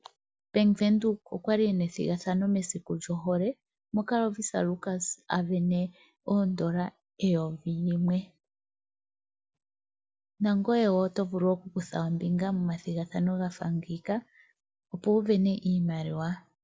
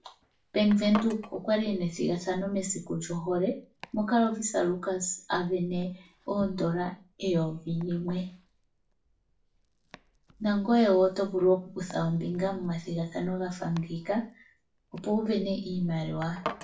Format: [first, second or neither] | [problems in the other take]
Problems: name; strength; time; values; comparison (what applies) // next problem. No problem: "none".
first | background sound (Domestic sounds, home sounds); 19 dB below the speech // room echo; dies away in 0.3 s